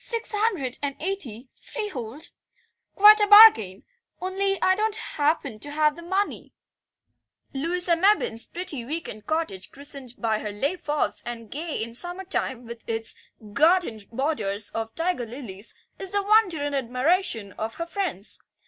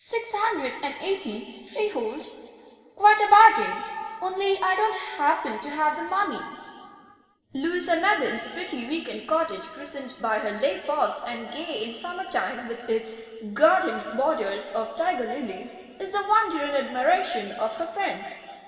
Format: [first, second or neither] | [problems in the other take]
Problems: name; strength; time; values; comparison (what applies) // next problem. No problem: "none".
first | room echo; dies away in 2.3 s